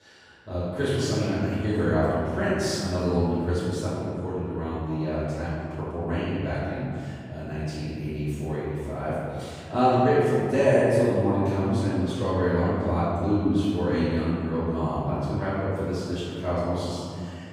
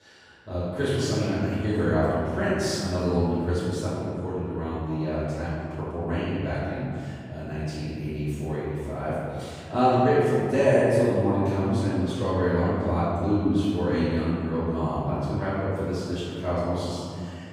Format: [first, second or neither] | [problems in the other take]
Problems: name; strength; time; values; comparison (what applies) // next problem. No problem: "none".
neither | off-mic speech; far; the same in both // room echo; strong; dies away in 2.1 s; the same in both